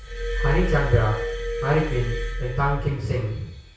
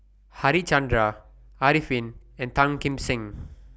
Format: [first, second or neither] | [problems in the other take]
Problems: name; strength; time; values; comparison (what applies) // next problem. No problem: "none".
second | background sound (Glass); 3 dB below the speech // room echo; dies away in 0.6 s